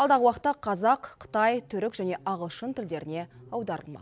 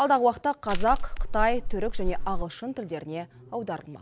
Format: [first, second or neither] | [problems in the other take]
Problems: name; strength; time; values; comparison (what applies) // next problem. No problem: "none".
first | background sound (Crushing); 2 dB above the speech